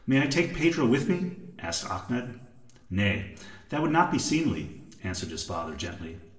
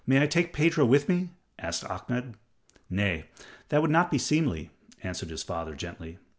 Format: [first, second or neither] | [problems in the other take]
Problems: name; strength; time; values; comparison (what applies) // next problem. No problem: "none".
second | room echo; dies away in 0.8 s